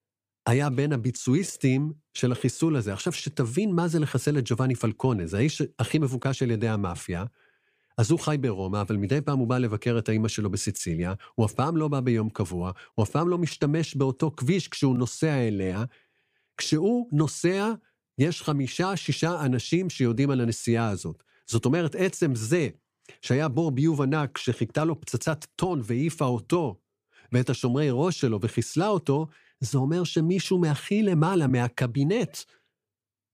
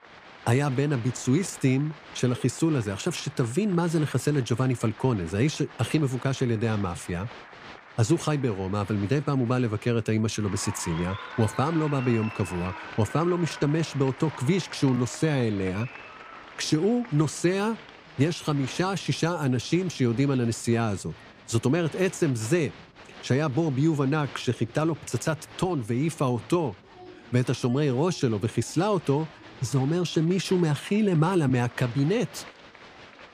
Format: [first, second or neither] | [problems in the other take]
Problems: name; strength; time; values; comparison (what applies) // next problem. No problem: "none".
first | crowd noise; noticeable; throughout; 15 dB below the speech